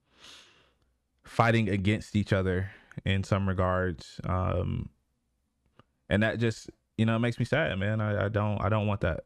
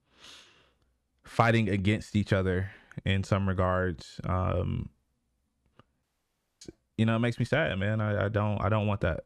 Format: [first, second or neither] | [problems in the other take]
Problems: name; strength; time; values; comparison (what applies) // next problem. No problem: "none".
first | audio cutting out; at 6 s for 0.5 s